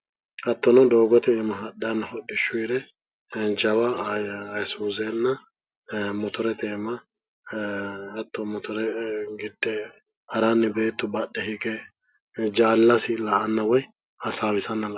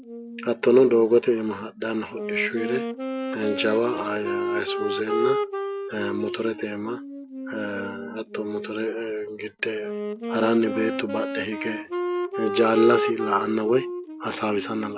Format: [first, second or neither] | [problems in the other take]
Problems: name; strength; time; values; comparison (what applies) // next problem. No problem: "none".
first | background sound (Wind instrument, woodwind instrument); 5 dB below the speech